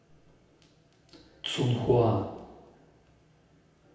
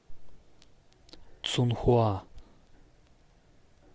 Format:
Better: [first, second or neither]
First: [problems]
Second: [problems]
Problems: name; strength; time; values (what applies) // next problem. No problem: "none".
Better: second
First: room echo; dies away in 0.9 s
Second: none